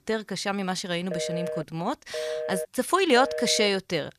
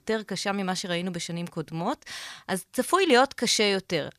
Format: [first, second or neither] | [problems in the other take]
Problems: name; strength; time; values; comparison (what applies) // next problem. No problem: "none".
second | phone ringing; noticeable; from 1 to 3.5 s; peak 5 dB below the speech